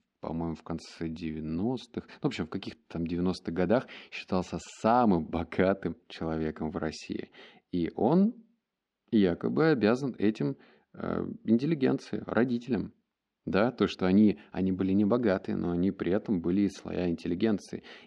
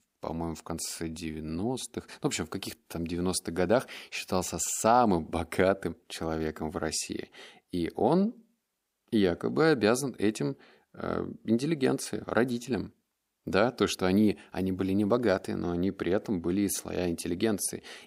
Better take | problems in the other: second | muffled; slightly; fading above 4 kHz

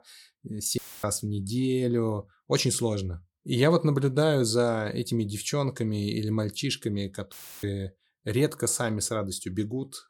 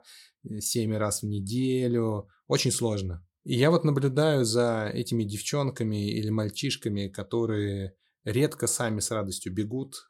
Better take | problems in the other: second | audio cutting out; filled with static; at 1 s and at 7.5 s

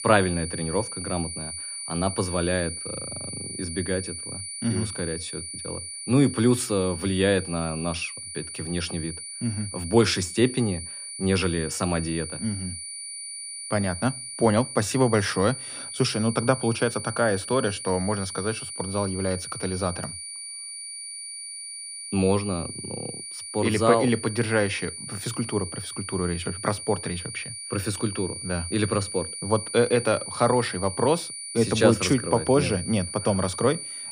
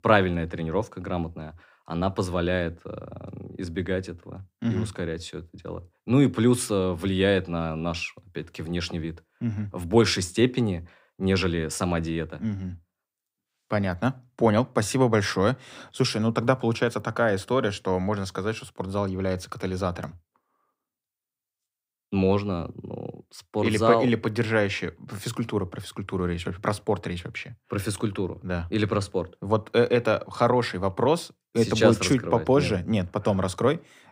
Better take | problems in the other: second | high-pitched whine; loud; throughout; 9.5 kHz, 8 dB below the speech

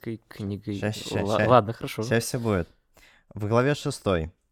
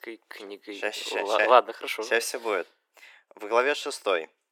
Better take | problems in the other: first | thin; very; fading below 350 Hz

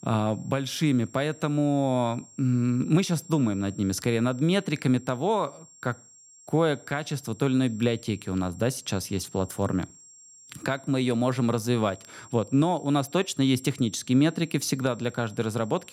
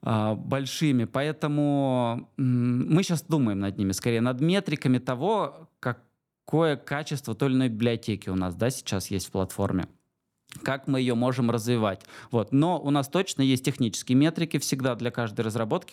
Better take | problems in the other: second | high-pitched whine; faint; throughout; 7.5 kHz, 25 dB below the speech

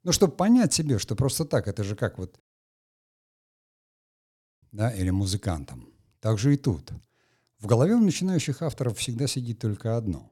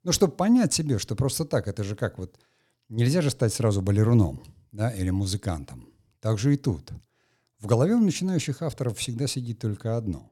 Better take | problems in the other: second | audio cutting out; at 2.5 s for 2 s

